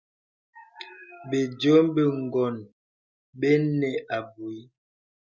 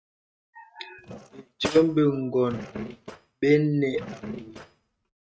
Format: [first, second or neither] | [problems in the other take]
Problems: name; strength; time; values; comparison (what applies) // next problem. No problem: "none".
first | noise reduction (neural mask model RNNoise)